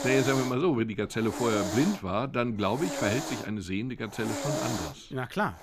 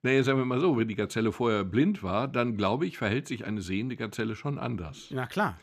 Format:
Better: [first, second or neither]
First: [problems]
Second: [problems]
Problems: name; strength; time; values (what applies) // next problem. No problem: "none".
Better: second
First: hiss; loud; throughout; 5 dB below the speech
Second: none